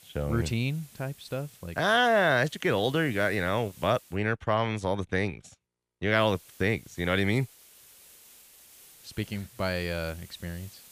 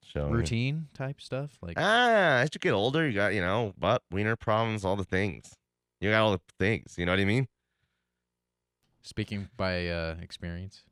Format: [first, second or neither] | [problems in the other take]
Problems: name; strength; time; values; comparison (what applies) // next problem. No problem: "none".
second | hiss; faint; until 4 s and from 6 s on; 25 dB below the speech